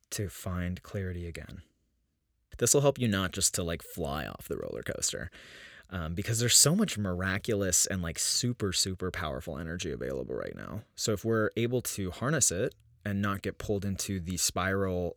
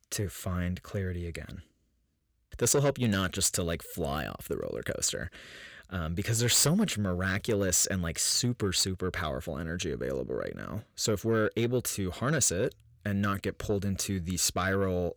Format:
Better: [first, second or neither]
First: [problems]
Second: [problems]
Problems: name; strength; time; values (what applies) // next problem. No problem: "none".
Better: first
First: none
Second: distortion; slight; 10 dB below the speech